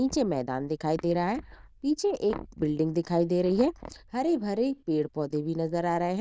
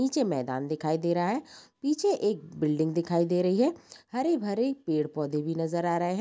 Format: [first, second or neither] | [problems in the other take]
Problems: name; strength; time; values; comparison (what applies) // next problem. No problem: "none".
second | noise reduction (neural diffusion model UNIVERSE++)